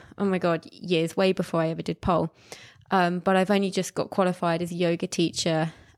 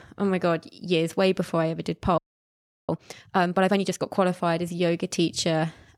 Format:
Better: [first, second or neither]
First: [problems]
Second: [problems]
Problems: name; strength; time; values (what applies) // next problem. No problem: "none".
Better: first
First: none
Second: audio freezing; at 2 s for 0.5 s